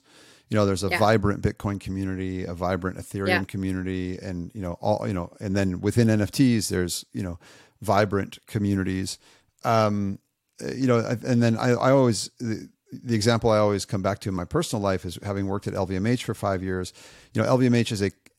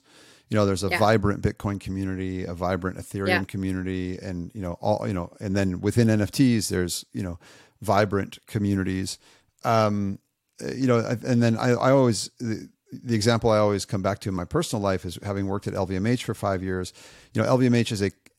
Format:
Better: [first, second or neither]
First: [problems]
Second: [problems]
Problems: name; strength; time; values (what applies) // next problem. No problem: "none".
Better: neither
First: none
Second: none